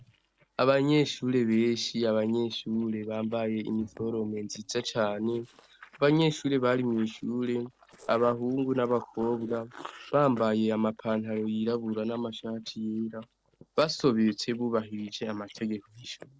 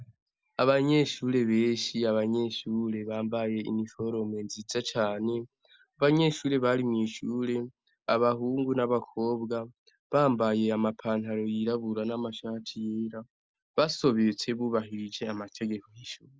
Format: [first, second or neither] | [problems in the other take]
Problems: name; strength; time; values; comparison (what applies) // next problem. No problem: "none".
second | noise reduction (neural separator model SepFormer DNS4)